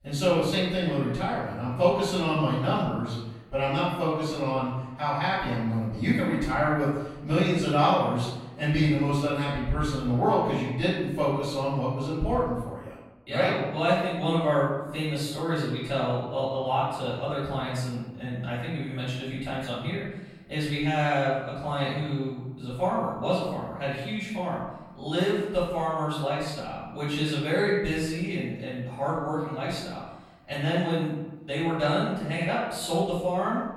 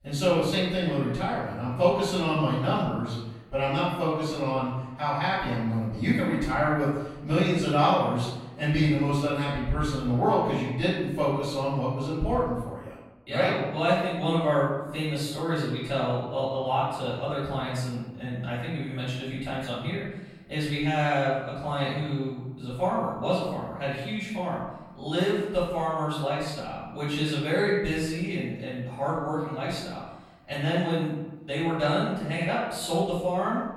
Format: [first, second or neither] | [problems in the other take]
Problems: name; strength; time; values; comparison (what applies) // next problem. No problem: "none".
neither | off-mic speech; far; the same in both // room echo; noticeable; dies away in 0.9 s; the same in both